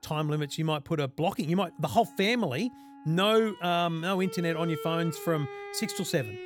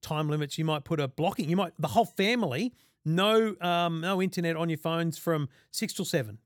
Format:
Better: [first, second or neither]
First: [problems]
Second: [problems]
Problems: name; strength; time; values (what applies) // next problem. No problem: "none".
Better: second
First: background music; noticeable; throughout; 15 dB below the speech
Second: none